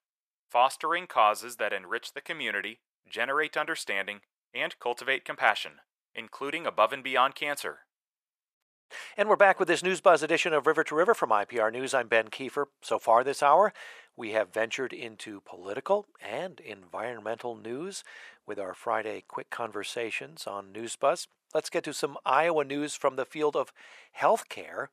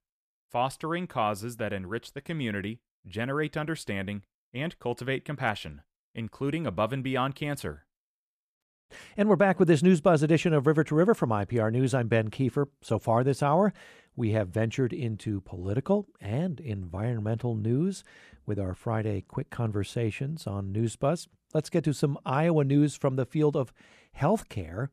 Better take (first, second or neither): second